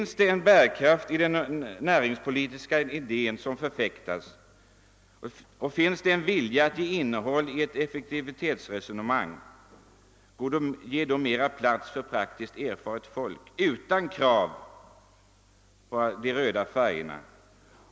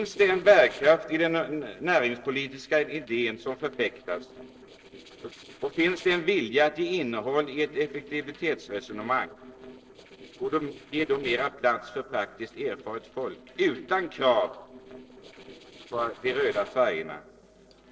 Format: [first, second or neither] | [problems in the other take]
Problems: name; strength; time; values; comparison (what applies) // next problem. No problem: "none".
first | noise reduction (neural separator model SepFormer DNS4)